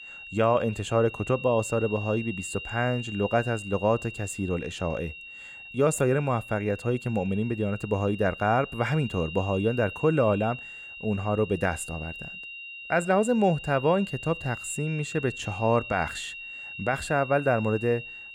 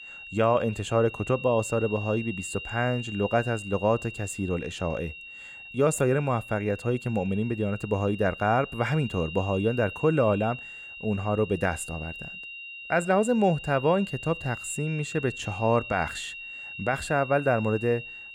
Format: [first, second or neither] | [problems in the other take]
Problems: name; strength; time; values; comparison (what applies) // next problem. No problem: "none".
neither | high-pitched whine; noticeable; throughout; 2.5 kHz, 10 dB below the speech; the same in both